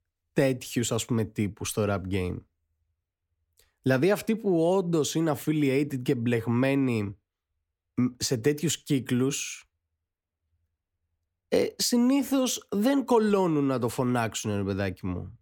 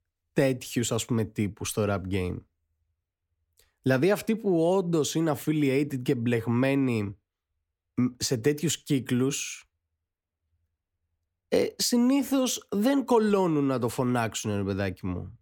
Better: neither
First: none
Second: none

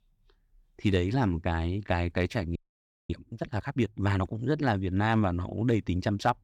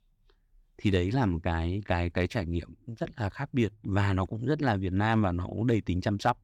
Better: second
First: audio freezing; at 2.5 s for 0.5 s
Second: none

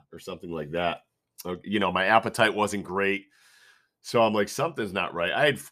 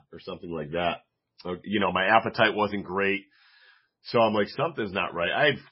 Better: first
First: none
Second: garbled, watery; badly; nothing above 5.5 kHz

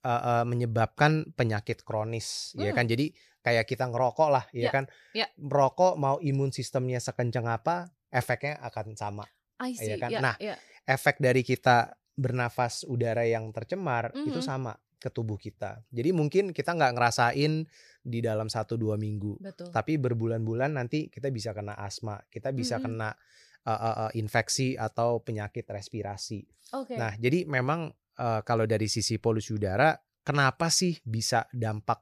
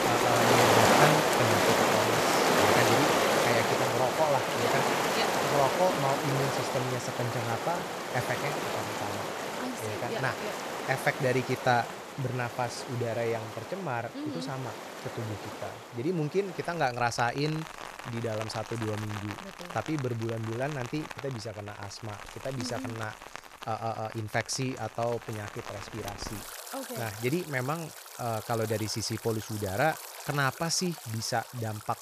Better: first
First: none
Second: rain or running water; very loud; throughout; 4 dB above the speech

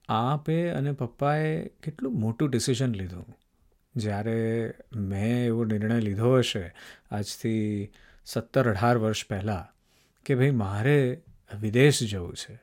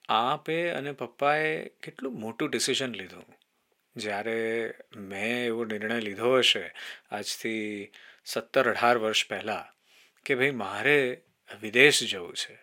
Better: first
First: none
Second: thin; somewhat; fading below 400 Hz

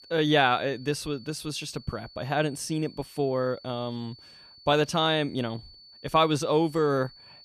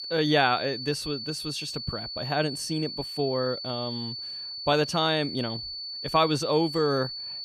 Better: first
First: high-pitched whine; faint; throughout; 4.5 kHz, 20 dB below the speech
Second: high-pitched whine; loud; throughout; 4.5 kHz, 6 dB below the speech

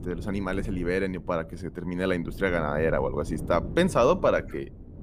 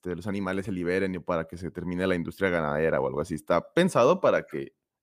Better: second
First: wind noise on the microphone; occasional gusts; 20 dB below the speech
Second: none

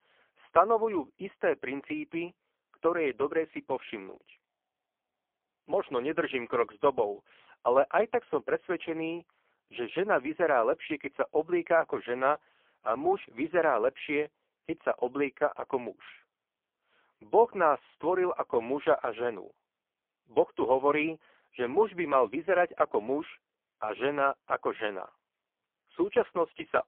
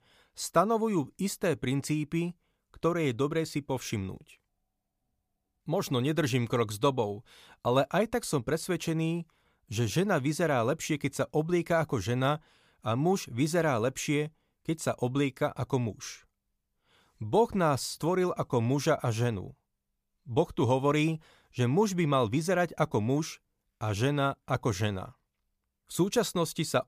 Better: second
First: phone-call audio; poor line; nothing above 3.5 kHz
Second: none

